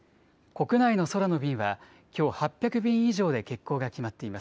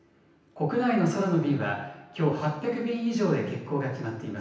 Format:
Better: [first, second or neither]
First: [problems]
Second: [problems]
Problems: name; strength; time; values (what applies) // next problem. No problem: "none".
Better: first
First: none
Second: room echo; dies away in 0.9 s